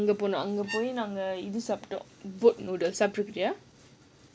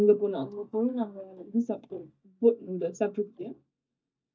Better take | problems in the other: first | noise reduction (neural mask model DeepFilterNet 3)

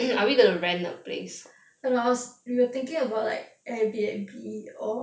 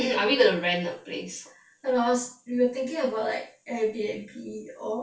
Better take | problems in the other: first | room echo; dies away in 0.1 s

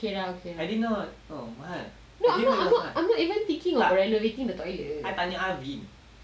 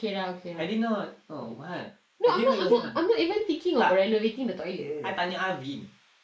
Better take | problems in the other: first | noise reduction (neural mask model Resemble Enhance denoiser)

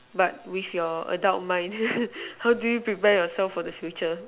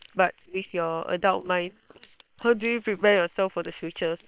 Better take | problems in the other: first | noise reduction (neural separator model SepFormer WHAM!)

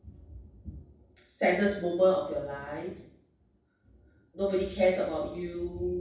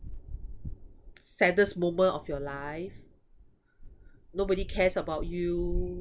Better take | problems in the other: second | room echo; dies away in 0.7 s

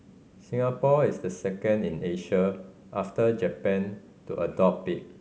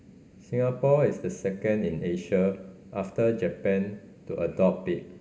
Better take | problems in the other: first | room echo; dies away in 2.1 s

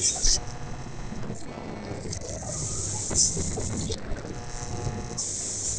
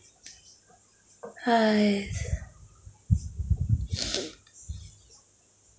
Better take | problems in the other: second | noise reduction (neural separator model SepFormer DNS4)

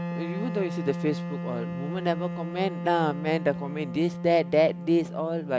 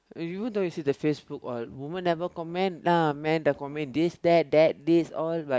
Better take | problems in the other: second | background sound (Wind instrument, woodwind instrument); 6 dB below the speech

